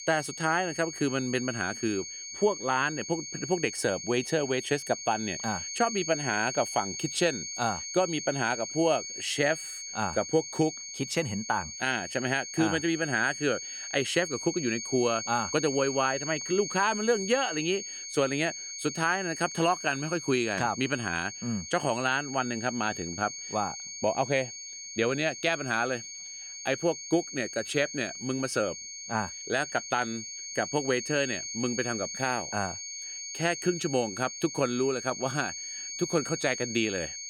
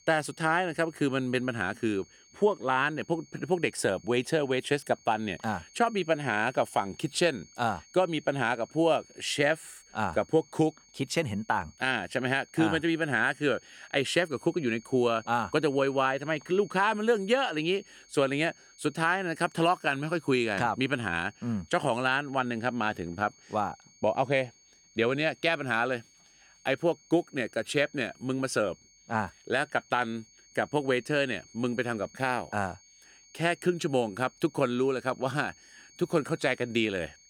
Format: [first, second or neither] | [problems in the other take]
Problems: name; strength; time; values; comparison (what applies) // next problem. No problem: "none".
second | high-pitched whine; loud; throughout; 6.5 kHz, 7 dB below the speech; faint in the second